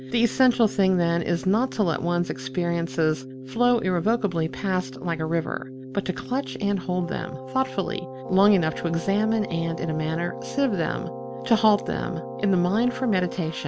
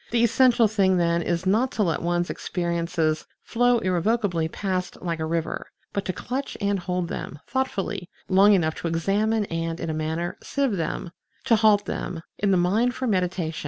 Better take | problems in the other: second | background sound (Keyboard (musical)); 11 dB below the speech

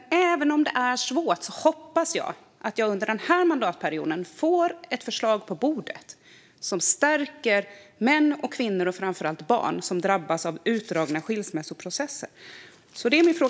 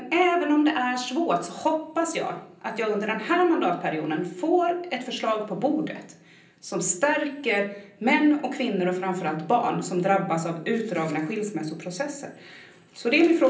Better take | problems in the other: first | room echo; dies away in 0.6 s

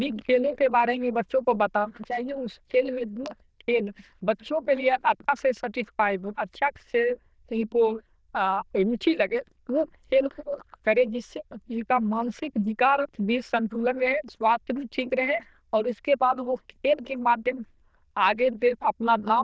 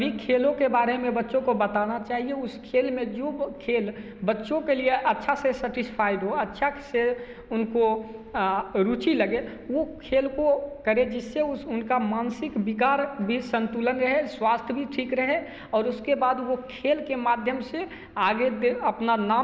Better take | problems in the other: second | noise reduction (neural diffusion model UNIVERSE++)

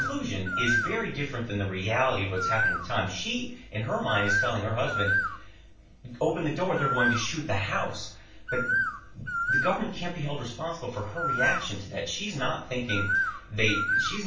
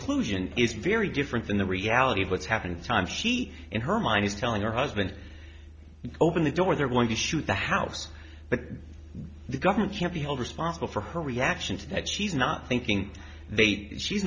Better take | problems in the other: second | background sound (Bird); 2 dB below the speech // room echo; dies away in 0.3 s

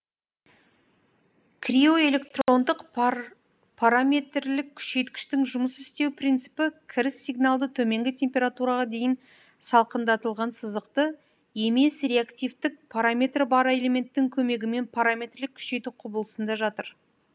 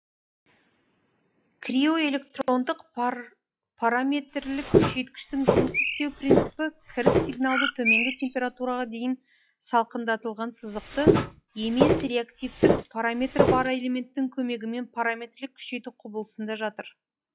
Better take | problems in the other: first | noise reduction (classical method log-MMSE)

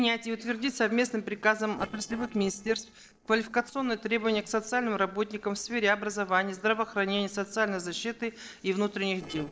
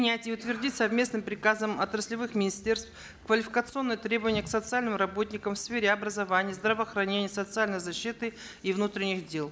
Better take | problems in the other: second | noise reduction (neural separator model SepFormer DNS4)

